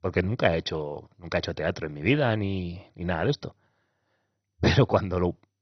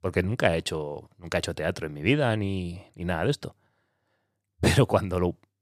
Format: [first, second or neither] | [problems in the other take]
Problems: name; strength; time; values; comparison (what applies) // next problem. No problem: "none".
second | garbled, watery; badly; nothing above 6 kHz